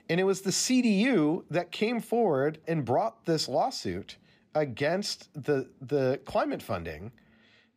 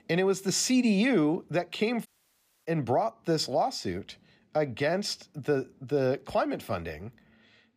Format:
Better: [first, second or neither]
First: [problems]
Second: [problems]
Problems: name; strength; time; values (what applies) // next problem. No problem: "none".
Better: first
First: none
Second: audio cutting out; at 2 s for 0.5 s